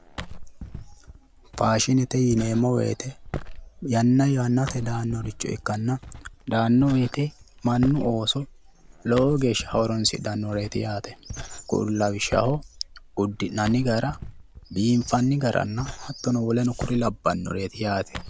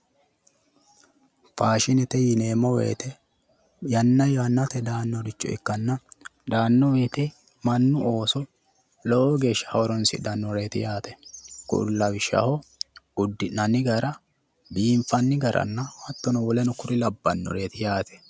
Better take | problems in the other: second | background sound (Walk, footsteps); 14 dB below the speech

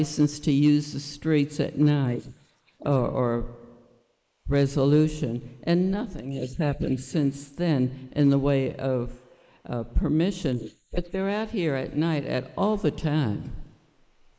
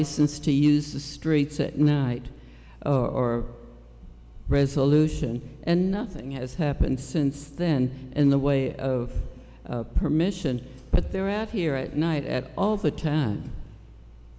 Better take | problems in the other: second | noise reduction (neural mask model Resemble Enhance denoiser)

